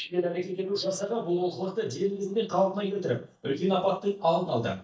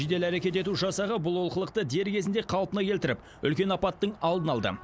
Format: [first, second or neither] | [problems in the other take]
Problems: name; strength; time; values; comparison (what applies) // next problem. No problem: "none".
second | noise reduction (neural mask model DeepFilterNet 3)